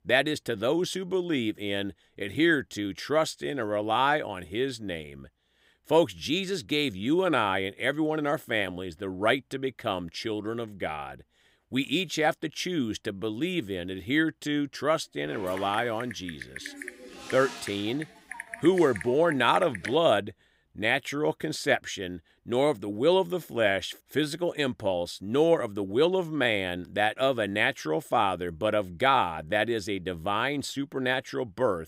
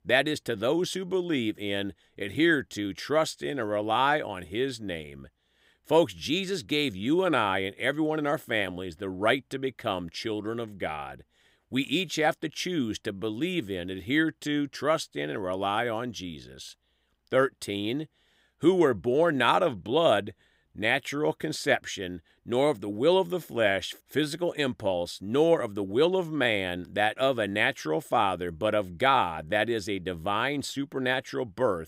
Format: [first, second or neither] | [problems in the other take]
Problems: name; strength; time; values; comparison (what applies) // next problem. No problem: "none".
second | keyboard typing; noticeable; from 15 to 20 s; peak 9 dB below the speech